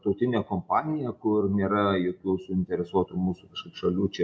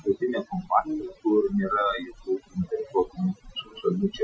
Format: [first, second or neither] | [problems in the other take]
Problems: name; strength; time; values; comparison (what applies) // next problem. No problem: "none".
first | noise reduction (classical method Wiener filter)